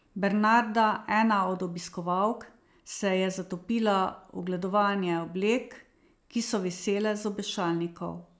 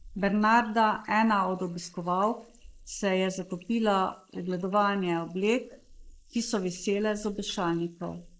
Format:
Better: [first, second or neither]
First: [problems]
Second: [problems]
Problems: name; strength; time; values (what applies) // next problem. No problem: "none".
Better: first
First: none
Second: noise reduction (neural mask model Resemble Enhance denoiser)